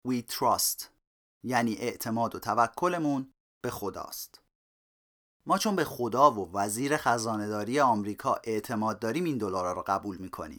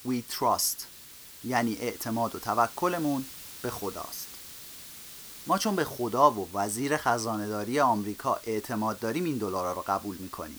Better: first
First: none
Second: hiss; noticeable; throughout; 15 dB below the speech

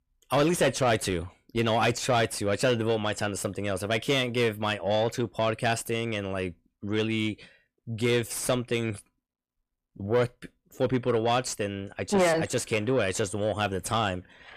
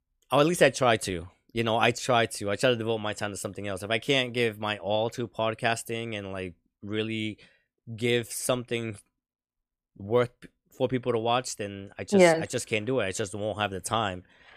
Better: second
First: distortion; heavy; 8 dB below the speech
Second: none

